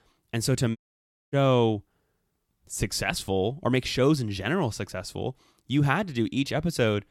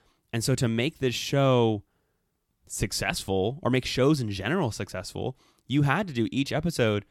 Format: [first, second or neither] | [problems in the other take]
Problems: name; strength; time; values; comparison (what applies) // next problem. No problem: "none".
second | audio cutting out; at 1 s for 0.5 s